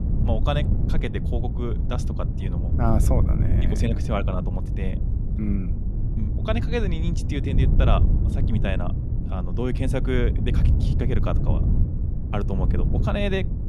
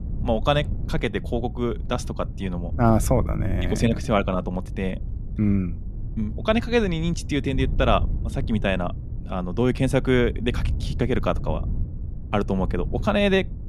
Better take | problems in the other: second | wind noise on the microphone; heavy; 6 dB below the speech; occasional gusts in the second

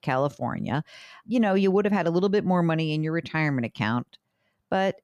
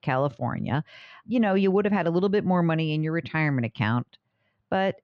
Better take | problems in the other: first | muffled; very slightly; fading above 3 kHz

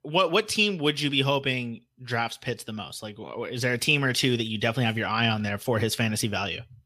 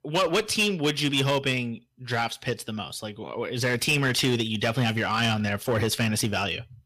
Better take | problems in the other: first | distortion; slight; 7% of the sound clipped

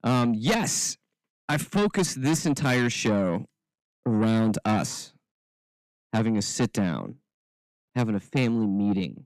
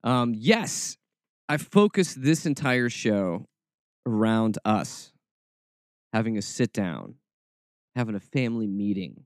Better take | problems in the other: second | distortion; heavy; 7 dB below the speech

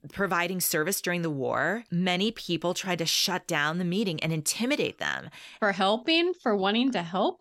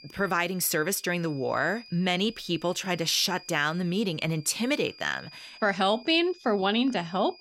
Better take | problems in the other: first | high-pitched whine; faint; throughout; 5 kHz, 20 dB below the speech

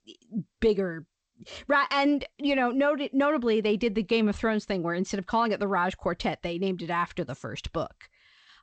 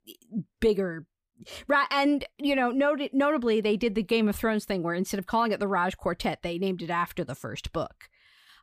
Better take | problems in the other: second | garbled, watery; slightly; nothing above 8 kHz

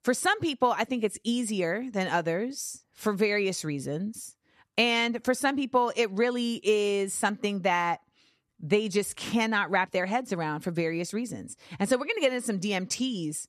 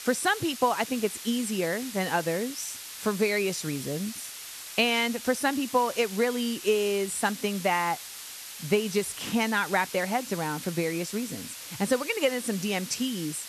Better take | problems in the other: first | hiss; noticeable; throughout; 10 dB below the speech

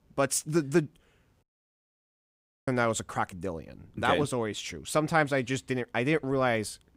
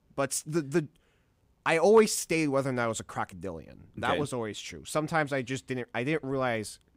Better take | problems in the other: second | audio cutting out; at 1.5 s for 1 s

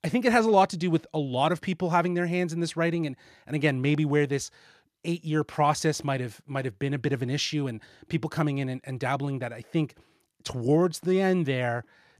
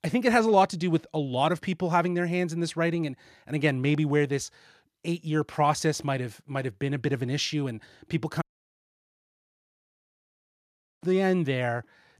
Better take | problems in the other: first | audio cutting out; at 8.5 s for 2.5 s

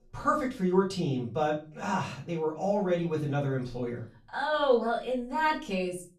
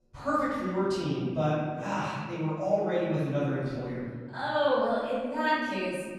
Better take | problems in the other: first | room echo; strong; dies away in 1.8 s; slight in the first // off-mic speech; far; far in the first

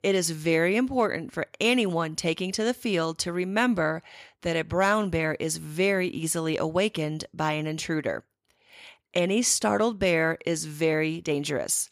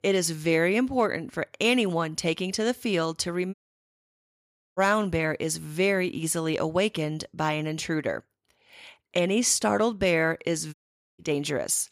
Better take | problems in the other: first | audio cutting out; at 3.5 s for 1 s and at 11 s

